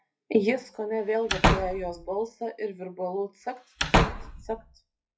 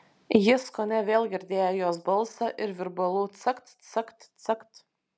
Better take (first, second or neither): second